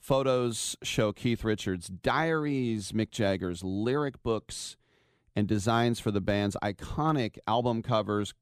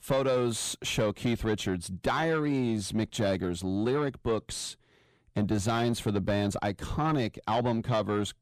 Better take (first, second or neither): first